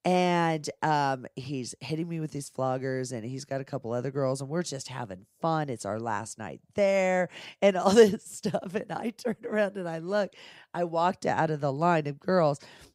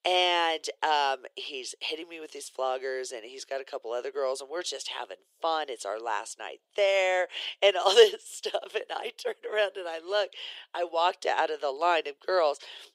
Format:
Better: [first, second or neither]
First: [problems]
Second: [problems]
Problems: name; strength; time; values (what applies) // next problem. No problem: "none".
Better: first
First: none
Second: thin; very; fading below 400 Hz